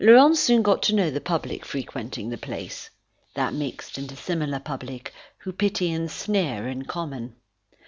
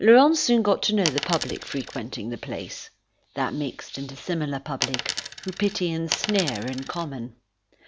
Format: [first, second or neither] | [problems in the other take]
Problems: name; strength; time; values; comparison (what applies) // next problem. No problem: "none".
first | background sound (Coin (dropping)); 7 dB below the speech